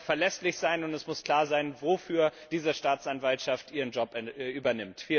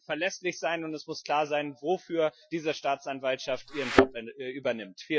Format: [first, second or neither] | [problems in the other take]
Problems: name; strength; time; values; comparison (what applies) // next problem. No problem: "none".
first | noise reduction (classical method Wiener filter)